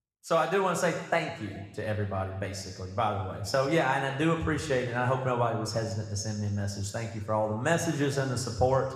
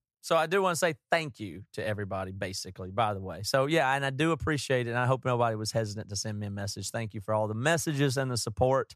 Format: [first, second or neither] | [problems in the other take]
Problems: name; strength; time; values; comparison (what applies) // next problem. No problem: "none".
second | room echo; noticeable; dies away in 1.3 s // off-mic speech; somewhat distant